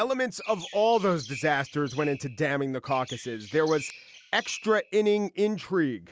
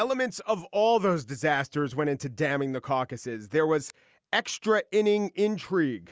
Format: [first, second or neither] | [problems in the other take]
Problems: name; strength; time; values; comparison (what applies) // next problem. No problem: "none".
second | background sound (Chirp, tweet); 17 dB below the speech